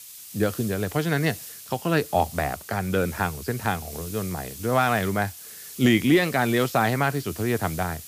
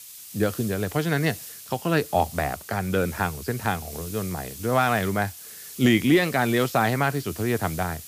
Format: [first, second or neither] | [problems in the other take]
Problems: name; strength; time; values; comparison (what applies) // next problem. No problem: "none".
neither | hiss; noticeable; throughout; 15 dB below the speech; the same in both